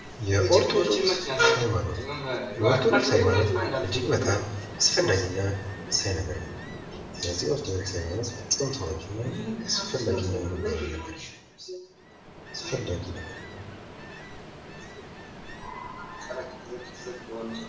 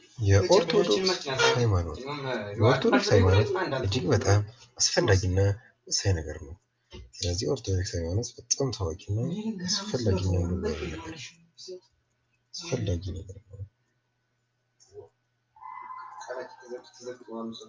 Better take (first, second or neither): second